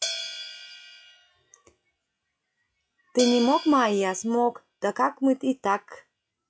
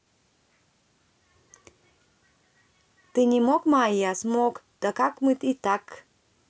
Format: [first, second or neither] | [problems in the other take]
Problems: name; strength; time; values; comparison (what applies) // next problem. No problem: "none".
second | noise reduction (classical method log-MMSE)